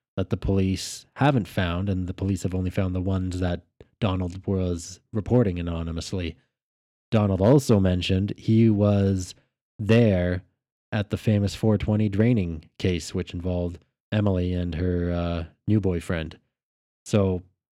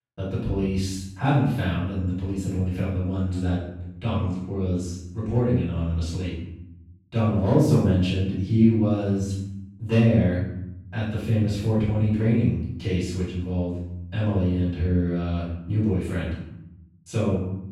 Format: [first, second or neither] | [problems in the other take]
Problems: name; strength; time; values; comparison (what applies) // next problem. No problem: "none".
first | off-mic speech; far // room echo; noticeable; dies away in 0.8 s